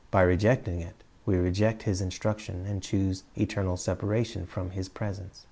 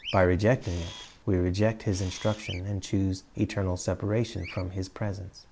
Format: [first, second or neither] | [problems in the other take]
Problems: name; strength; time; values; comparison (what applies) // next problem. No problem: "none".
first | background sound (Bird vocalization, bird call, bird song + Camera); 19 dB below the speech